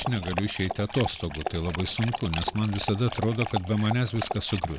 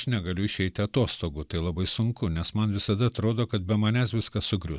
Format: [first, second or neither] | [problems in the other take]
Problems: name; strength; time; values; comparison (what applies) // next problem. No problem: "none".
second | background sound (Dog); 7 dB below the speech